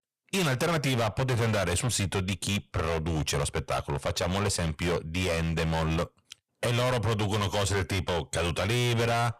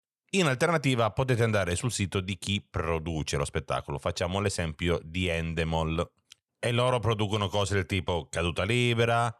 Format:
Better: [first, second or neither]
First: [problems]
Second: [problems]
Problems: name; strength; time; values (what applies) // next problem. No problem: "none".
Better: second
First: distortion; heavy; 26% of the sound clipped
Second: none